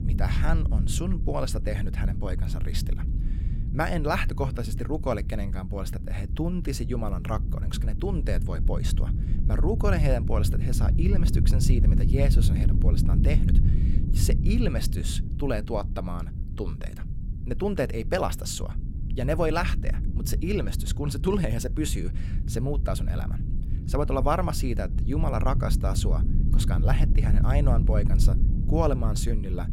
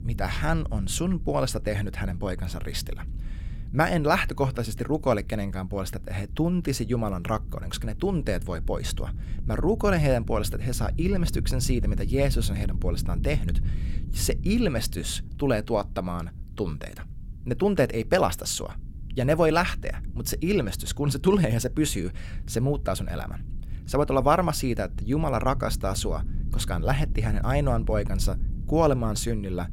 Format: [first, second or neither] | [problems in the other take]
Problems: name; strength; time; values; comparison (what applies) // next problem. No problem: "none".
second | low rumble; loud; throughout; 9 dB below the speech; faint in the second